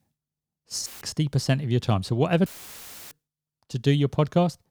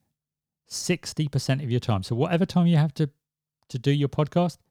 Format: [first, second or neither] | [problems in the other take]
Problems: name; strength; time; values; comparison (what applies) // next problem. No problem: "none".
second | audio cutting out; filled with static; at 1 s and at 2.5 s for 0.5 s